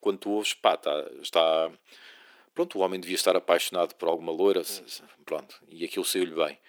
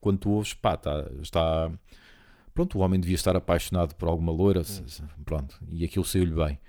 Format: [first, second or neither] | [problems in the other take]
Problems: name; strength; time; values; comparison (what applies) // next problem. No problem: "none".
second | thin; very; fading below 350 Hz